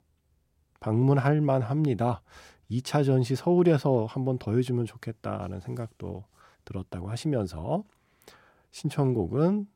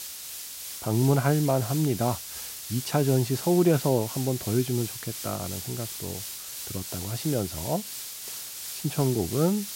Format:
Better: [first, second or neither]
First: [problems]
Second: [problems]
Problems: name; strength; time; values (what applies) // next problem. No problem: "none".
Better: first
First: none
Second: hiss; loud; throughout; 8 dB below the speech